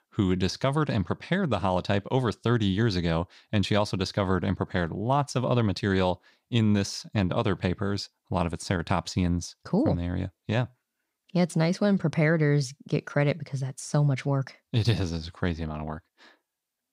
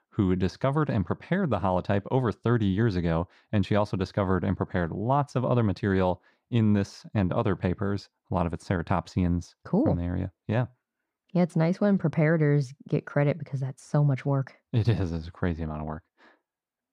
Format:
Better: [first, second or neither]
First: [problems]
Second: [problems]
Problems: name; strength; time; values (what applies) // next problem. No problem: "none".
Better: first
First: none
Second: muffled; slightly; fading above 2.5 kHz